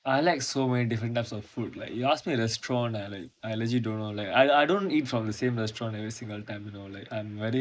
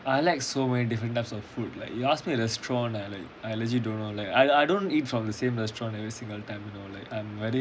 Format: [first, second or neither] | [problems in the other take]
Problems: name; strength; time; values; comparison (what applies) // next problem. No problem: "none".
second | noise reduction (neural mask model Resemble Enhance denoiser)